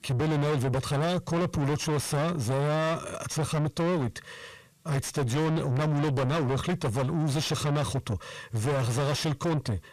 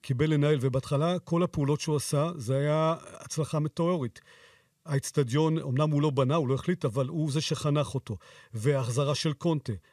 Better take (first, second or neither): second